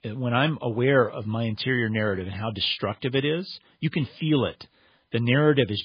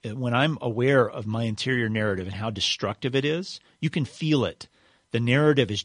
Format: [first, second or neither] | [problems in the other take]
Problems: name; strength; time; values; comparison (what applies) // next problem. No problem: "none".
second | garbled, watery; badly; nothing above 4.5 kHz; slightly in the second